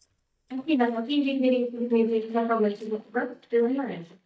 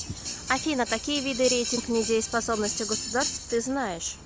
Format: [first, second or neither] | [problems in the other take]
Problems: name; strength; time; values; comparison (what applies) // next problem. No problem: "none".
second | noise reduction (neural mask model DeepFilterNet 3)